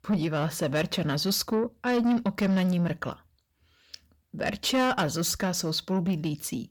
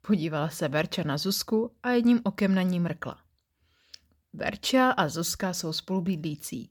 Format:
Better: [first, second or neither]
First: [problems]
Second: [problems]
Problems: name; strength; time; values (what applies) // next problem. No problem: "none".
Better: second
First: distortion; slight; 10 dB below the speech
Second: none